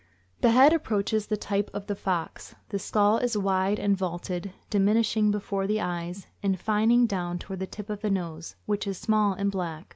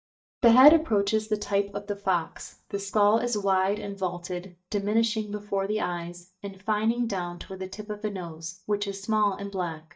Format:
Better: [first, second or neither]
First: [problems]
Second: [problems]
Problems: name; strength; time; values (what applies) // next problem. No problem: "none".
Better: first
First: none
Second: noise reduction (neural mask model DeepFilterNet 3)